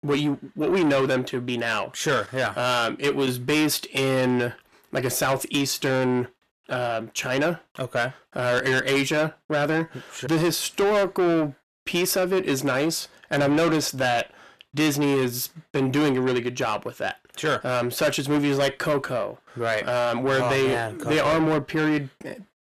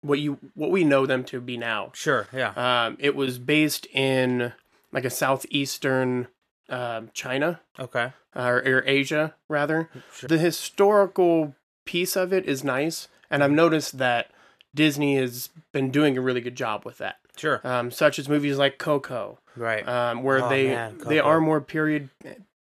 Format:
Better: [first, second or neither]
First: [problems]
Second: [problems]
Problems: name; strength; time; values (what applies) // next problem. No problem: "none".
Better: second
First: distortion; heavy; 7 dB below the speech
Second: none